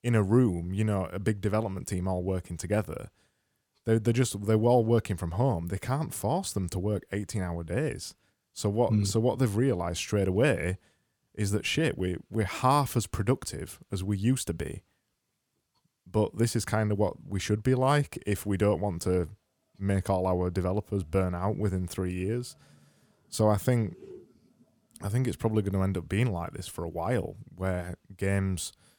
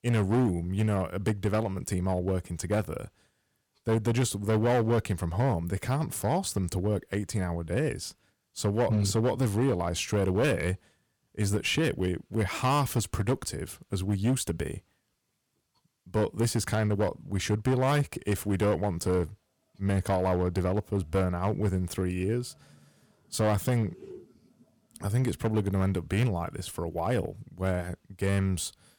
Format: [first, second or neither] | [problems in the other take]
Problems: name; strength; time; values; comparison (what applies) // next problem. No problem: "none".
first | distortion; slight; 6% of the sound clipped